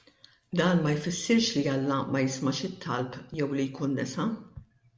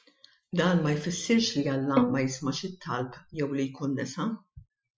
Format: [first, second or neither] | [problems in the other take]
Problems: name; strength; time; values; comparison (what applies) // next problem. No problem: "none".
first | noise reduction (classical method Wiener filter)